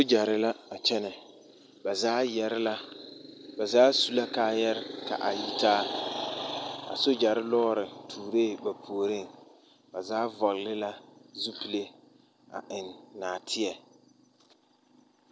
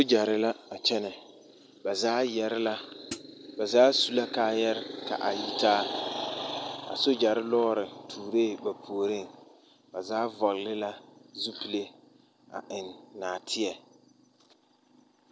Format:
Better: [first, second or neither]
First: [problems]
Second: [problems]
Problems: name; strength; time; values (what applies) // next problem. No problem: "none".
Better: first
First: none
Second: background sound (Hi-hat); 12 dB below the speech